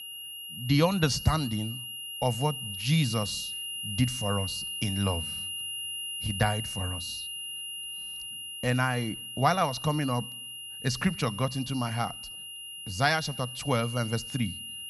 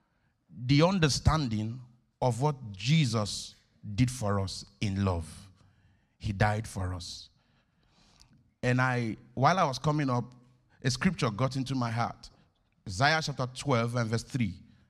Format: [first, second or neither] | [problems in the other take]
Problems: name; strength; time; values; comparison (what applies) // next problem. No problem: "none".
second | high-pitched whine; loud; throughout; 3 kHz, 6 dB below the speech